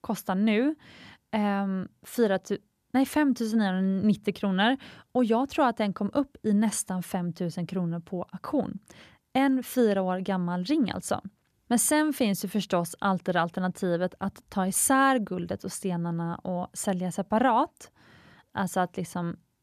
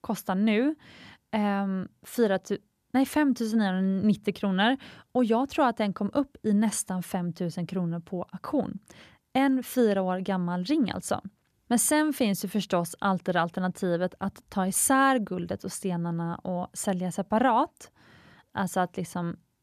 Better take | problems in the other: neither | none

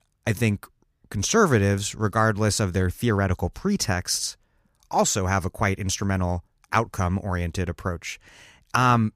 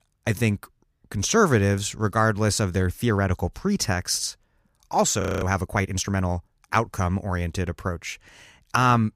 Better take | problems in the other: first | audio freezing; at 5 s

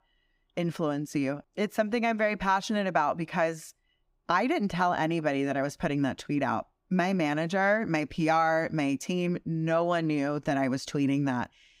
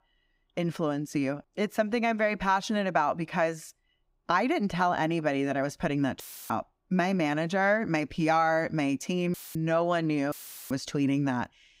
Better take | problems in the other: first | audio cutting out; filled with static; at 6 s, at 9.5 s and at 10 s

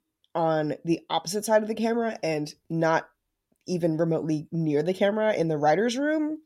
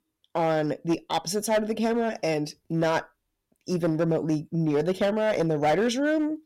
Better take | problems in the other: first | distortion; slight; 8% of the sound clipped

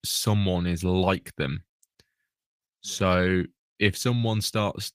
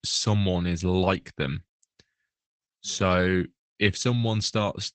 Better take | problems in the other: first | garbled, watery; badly; nothing above 7.5 kHz; slightly in the first

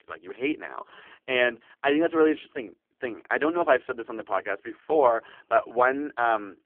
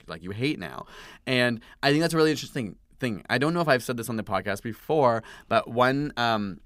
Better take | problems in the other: second | phone-call audio; poor line; nothing above 3 kHz

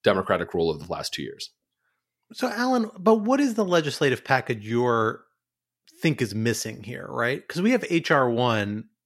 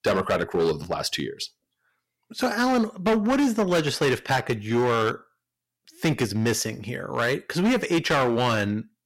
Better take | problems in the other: first | distortion; heavy; 10% of the sound clipped

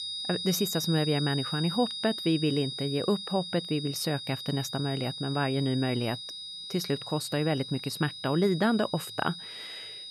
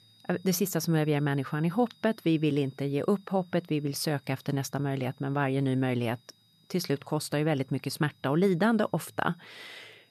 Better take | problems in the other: second | high-pitched whine; loud; throughout; 4 kHz, 6 dB below the speech; faint in the second

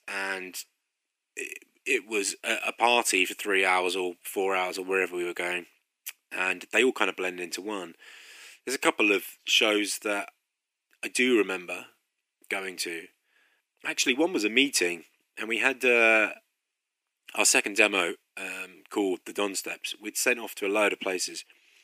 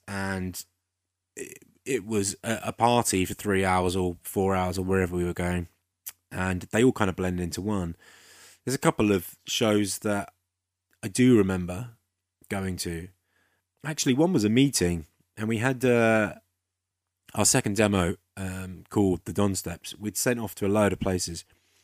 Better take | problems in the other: second | thin; somewhat; fading below 300 Hz

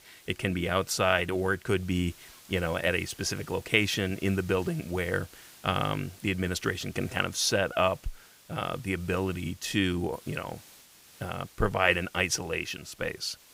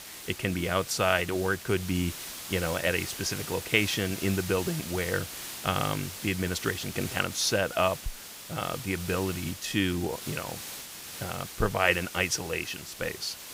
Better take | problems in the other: first | hiss; loud; throughout; 9 dB below the speech; faint in the first

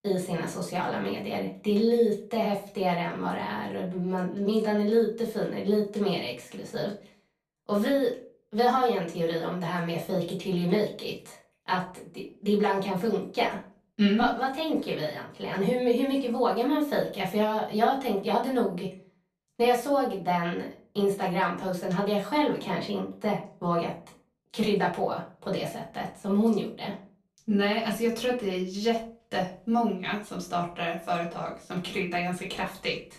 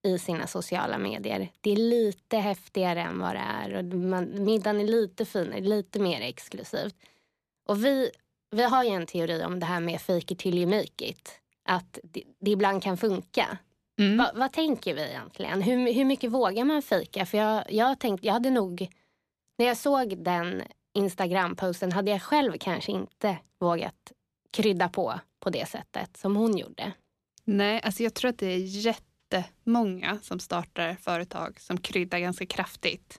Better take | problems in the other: second | off-mic speech; far // room echo; slight; dies away in 0.3 s

